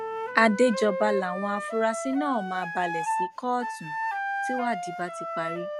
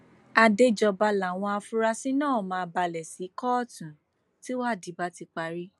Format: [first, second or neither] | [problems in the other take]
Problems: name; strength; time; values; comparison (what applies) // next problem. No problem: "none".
second | background sound (Wind instrument, woodwind instrument); 4 dB below the speech